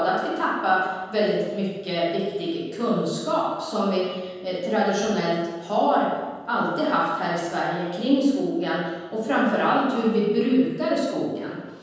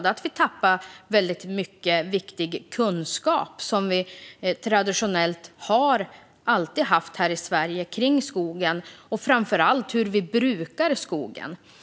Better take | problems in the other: second | room echo; dies away in 1.2 s

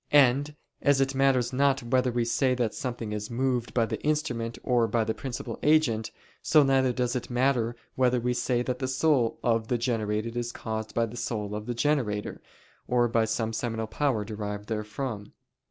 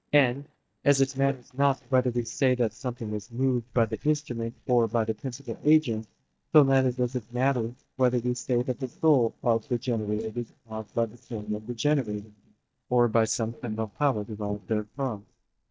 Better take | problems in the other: first | noise reduction (neural mask model DeepFilterNet 3)

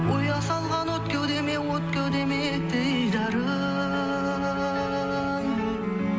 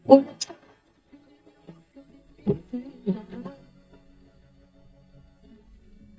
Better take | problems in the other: first | noise reduction (neural mask model DeepFilterNet 3)

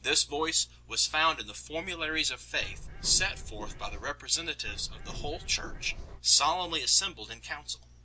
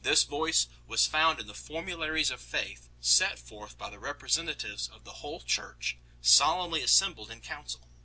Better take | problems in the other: second | background sound (Bird); 9 dB below the speech

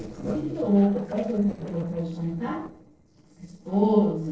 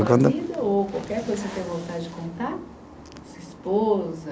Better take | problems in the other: second | noise reduction (neural separator model SepFormer DNS4)

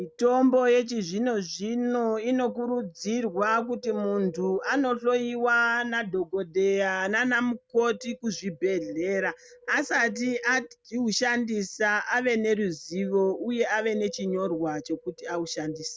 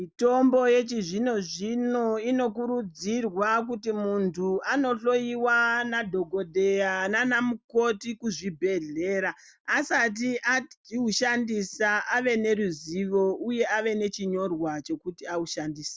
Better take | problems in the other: second | noise reduction (neural mask model RNNoise)

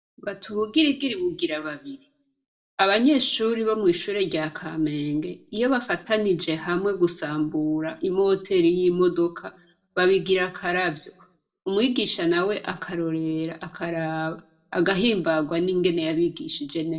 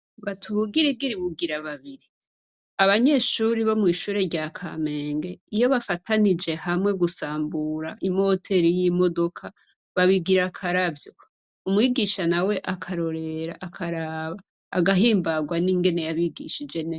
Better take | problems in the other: second | room echo; dies away in 0.3 s

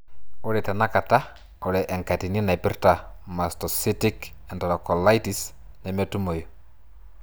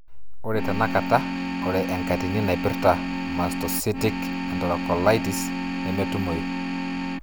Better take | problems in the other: first | background sound (Organ); 2 dB below the speech

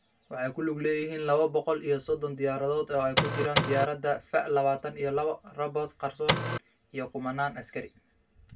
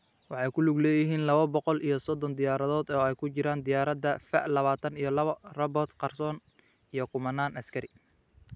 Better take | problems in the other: second | background sound (Printer); 3 dB above the speech // room echo; dies away in 0.1 s

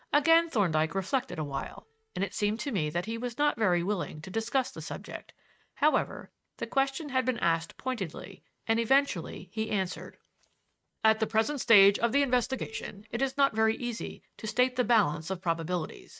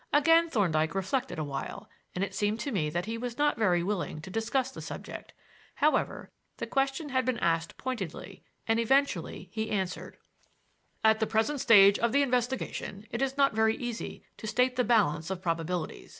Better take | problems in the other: second | noise reduction (neural mask model RNNoise)

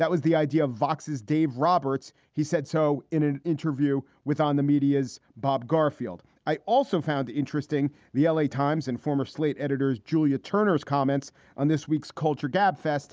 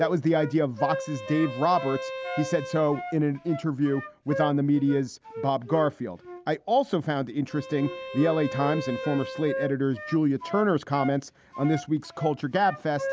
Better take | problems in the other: first | background sound (Wind instrument, woodwind instrument + Bowed string instrument); 10 dB below the speech

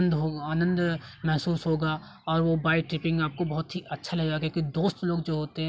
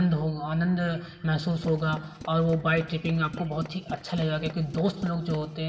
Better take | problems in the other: first | background sound (Tools); 15 dB below the speech // room echo; dies away in 2.9 s

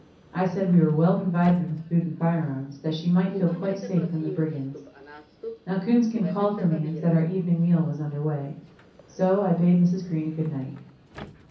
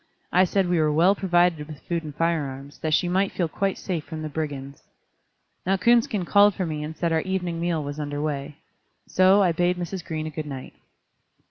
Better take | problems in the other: second | background sound (Subway, metro, underground); 19 dB below the speech // room echo; dies away in 0.6 s

